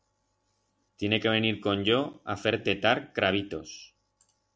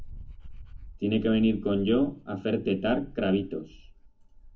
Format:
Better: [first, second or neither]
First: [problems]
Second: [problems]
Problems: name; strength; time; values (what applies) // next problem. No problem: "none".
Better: first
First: none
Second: background sound (Dog); 15 dB below the speech // room echo; dies away in 0.4 s